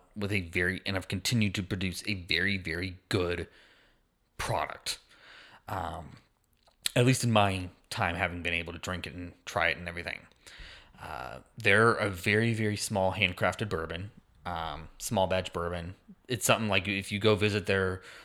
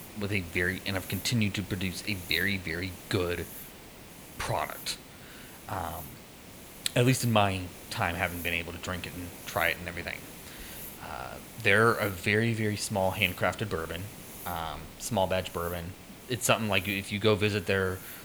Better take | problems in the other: first | hiss; noticeable; throughout; 15 dB below the speech

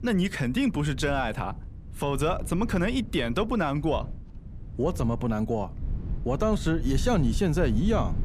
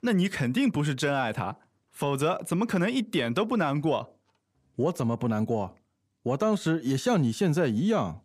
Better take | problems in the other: second | wind noise on the microphone; occasional gusts; 20 dB below the speech

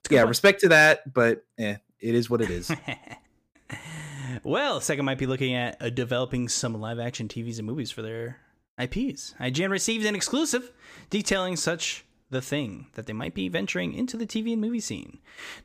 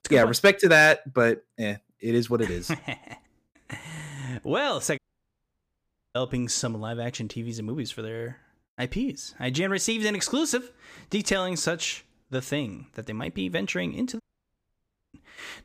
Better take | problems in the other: first | audio cutting out; at 5 s for 1 s and at 14 s for 1 s

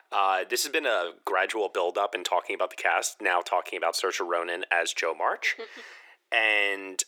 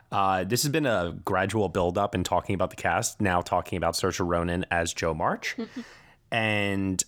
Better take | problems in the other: second | thin; very; fading below 350 Hz

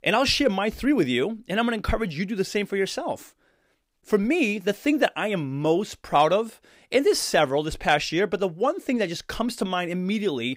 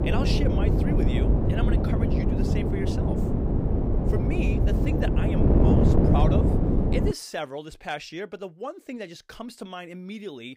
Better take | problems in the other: first | wind noise on the microphone; heavy; until 7 s; 4 dB above the speech

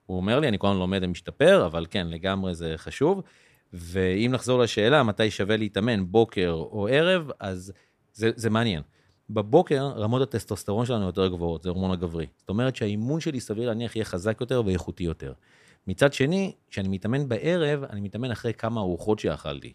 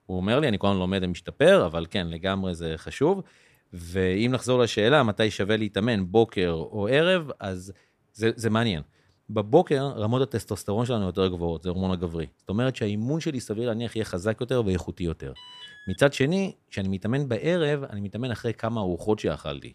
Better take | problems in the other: first | alarm; faint; at 15 s; peak 15 dB below the speech

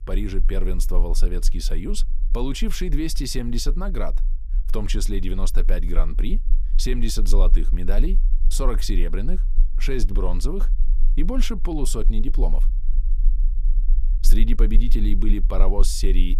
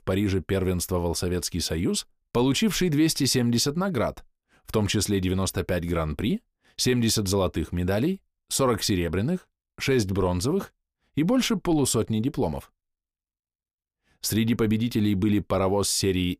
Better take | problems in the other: second | low rumble; faint; throughout; 20 dB below the speech

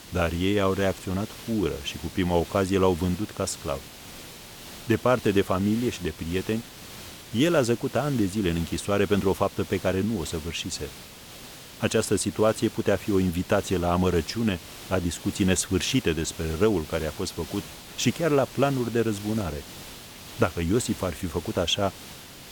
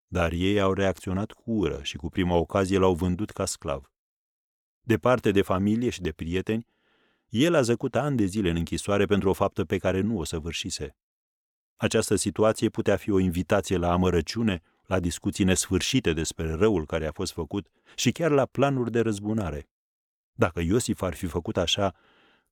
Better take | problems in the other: second | hiss; noticeable; throughout; 15 dB below the speech

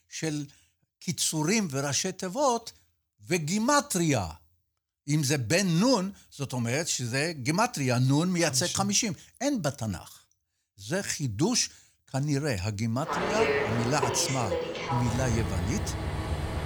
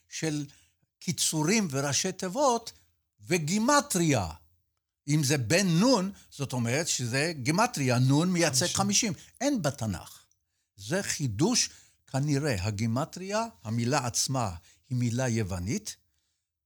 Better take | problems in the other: second | train or aircraft noise; loud; from 13 s on; 3 dB below the speech

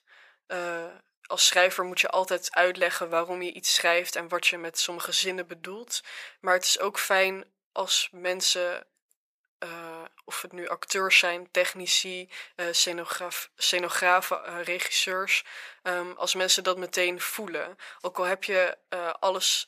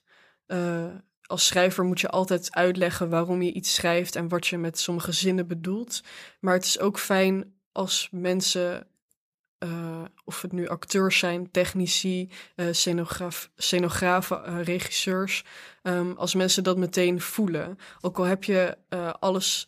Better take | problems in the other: second | thin; very; fading below 650 Hz

